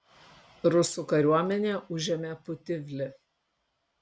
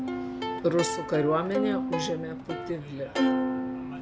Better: first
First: none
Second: background sound (Plucked string instrument); as loud as the speech

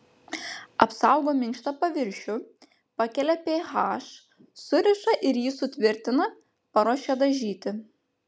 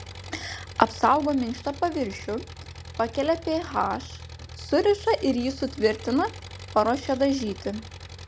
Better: first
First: none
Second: background sound (Engine); 14 dB below the speech

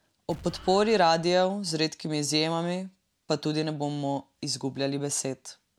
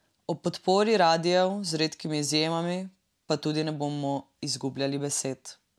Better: second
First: background sound (Explosion); 19 dB below the speech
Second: none

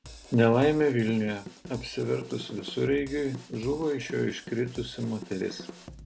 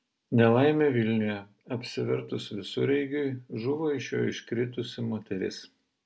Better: second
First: background sound (Drum kit); 16 dB below the speech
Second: none

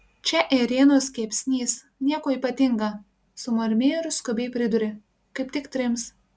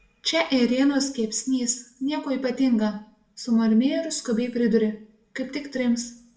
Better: first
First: none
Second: room echo; dies away in 0.5 s

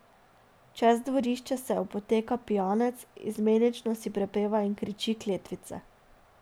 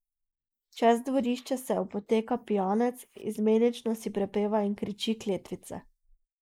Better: first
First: none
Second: noise reduction (neural mask model Resemble Enhance denoiser)

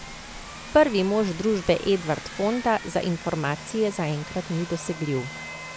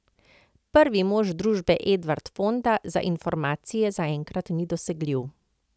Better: second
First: background sound (Alarm + Vehicle); 13 dB below the speech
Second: none

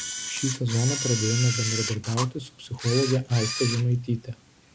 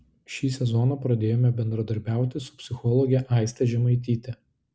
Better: second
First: background sound (Camera); 6 dB below the speech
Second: none

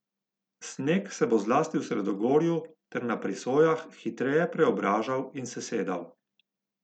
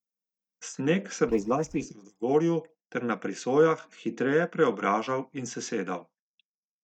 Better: first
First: none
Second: noise reduction (neural mask model DeepFilterNet 3)

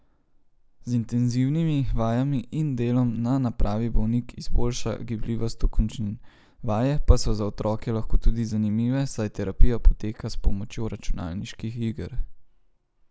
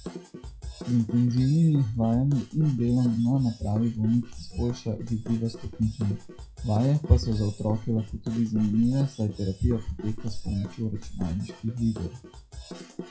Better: first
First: none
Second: noise reduction (classical method WPE with log-MMSE)

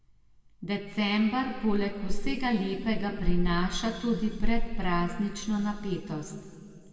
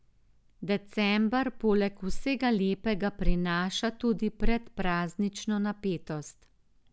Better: second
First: room echo; dies away in 2.1 s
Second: none

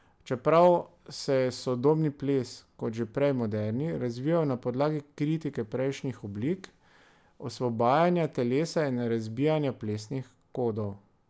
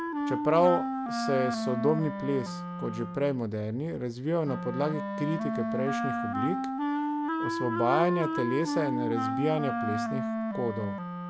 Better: first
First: none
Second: background sound (Wind instrument, woodwind instrument); 2 dB below the speech

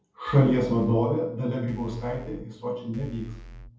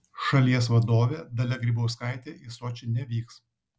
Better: second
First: background sound (Bass drum / Keyboard (musical)); 17 dB below the speech // room echo; dies away in 0.7 s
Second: none

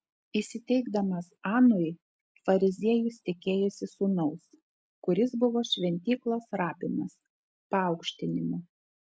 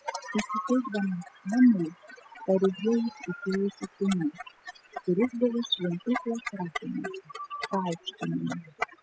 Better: first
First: none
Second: noise reduction (classical method spectral subtraction)

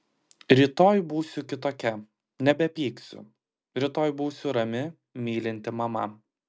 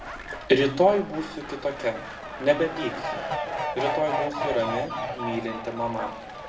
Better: first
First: none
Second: background sound (Fowl); 5 dB below the speech // room echo; dies away in 0.6 s

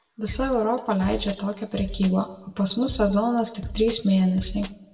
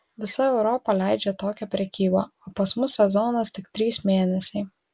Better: second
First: background sound (Drum kit); 12 dB below the speech // room echo; dies away in 0.8 s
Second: none

